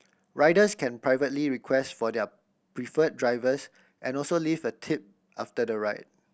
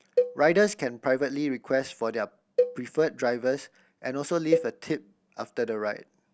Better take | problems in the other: first | background sound (Cowbell); 4 dB below the speech

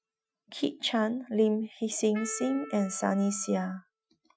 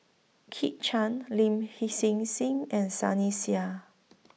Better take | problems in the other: second | noise reduction (classical method Wiener filter)

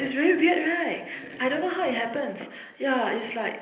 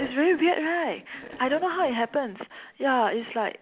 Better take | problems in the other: second | room echo; dies away in 0.8 s

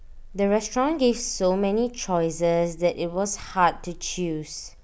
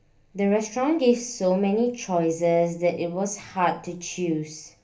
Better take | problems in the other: first | room echo; dies away in 0.3 s

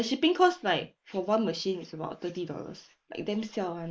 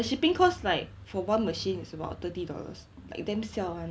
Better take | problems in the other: second | noise reduction (neural mask model Resemble Enhance denoiser)

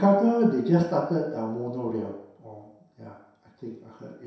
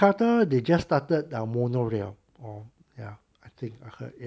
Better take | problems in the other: second | room echo; dies away in 0.7 s

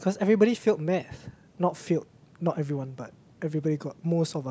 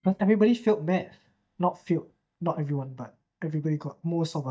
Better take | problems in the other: first | noise reduction (neural mask model DeepFilterNet 3)

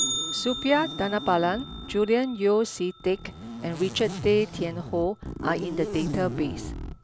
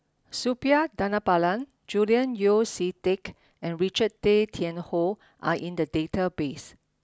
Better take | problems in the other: second | background sound (Bell + Zipper (clothing)); 7 dB below the speech

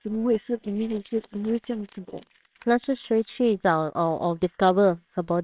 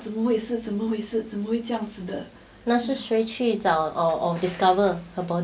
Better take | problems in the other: second | noise reduction (neural separator model SepFormer WHAMR!)

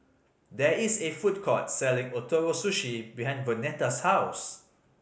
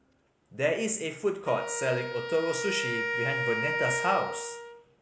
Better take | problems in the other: first | background sound (Wind instrument, woodwind instrument); 3 dB below the speech

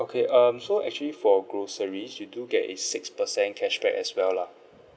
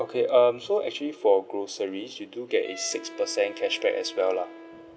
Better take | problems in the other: first | background sound (Wind instrument, woodwind instrument); 19 dB below the speech

